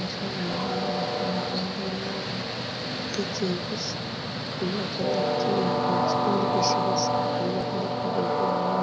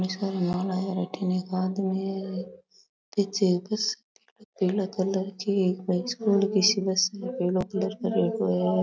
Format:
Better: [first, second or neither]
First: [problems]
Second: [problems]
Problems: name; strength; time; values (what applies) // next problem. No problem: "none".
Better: second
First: background sound (Train); 5 dB above the speech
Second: none